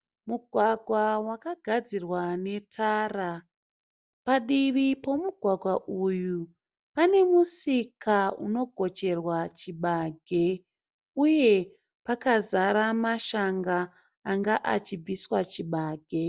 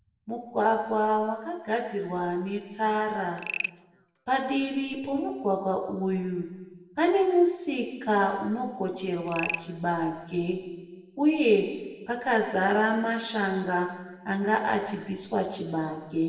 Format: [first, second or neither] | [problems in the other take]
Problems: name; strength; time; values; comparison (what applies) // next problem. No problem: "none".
first | background sound (Frog); 12 dB below the speech // room echo; dies away in 1.2 s